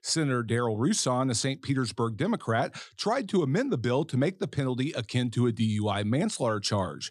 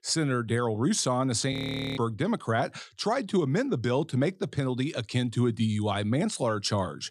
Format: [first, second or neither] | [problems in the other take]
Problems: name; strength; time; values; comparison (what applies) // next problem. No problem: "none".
first | audio freezing; at 1.5 s